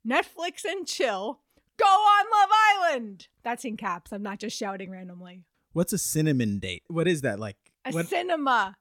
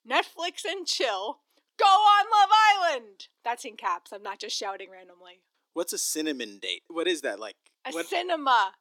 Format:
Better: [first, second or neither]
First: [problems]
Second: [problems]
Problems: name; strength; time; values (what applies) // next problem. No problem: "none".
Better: first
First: none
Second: thin; very; fading below 300 Hz